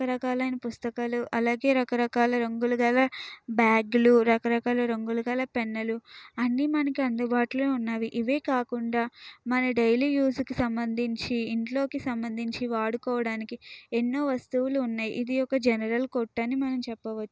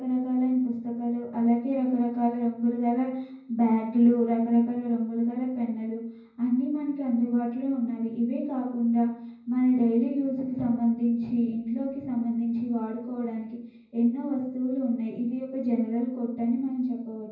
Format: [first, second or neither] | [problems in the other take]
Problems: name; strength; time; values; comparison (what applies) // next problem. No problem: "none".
first | room echo; dies away in 0.9 s